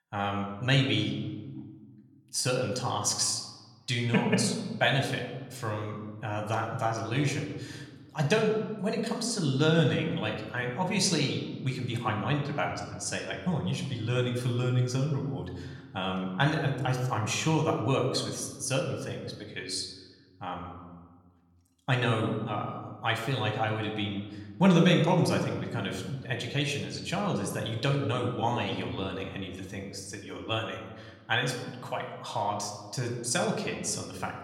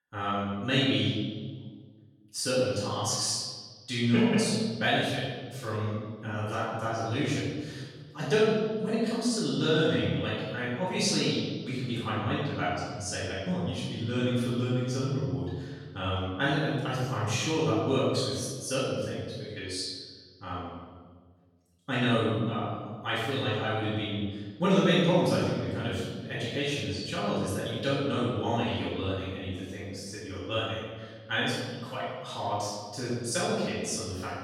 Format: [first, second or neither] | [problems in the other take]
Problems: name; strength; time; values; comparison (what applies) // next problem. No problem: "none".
first | room echo; strong; dies away in 1.5 s; slight in the first // off-mic speech; far; somewhat distant in the first